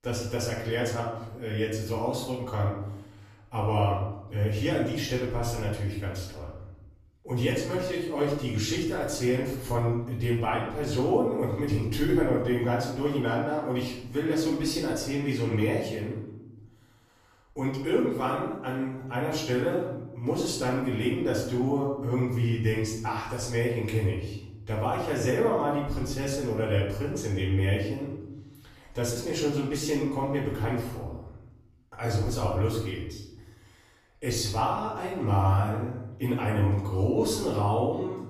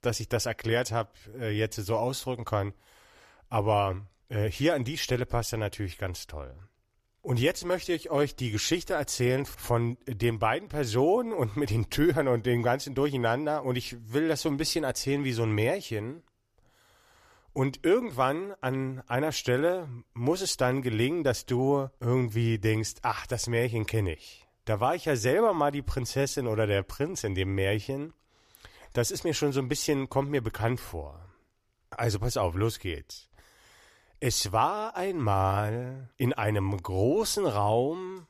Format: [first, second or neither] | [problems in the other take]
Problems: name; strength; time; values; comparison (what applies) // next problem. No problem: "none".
second | off-mic speech; far // room echo; noticeable; dies away in 0.9 s